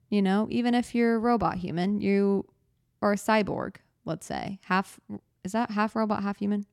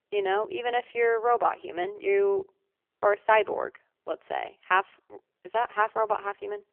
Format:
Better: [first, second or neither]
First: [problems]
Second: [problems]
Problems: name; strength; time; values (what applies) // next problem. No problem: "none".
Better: first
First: none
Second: phone-call audio; poor line; nothing above 3 kHz